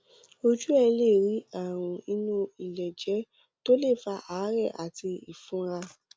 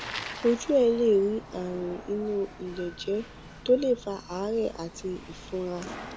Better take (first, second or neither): first